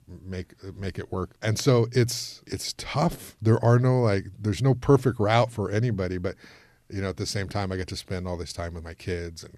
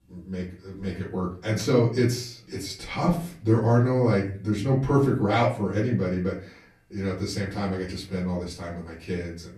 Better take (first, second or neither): first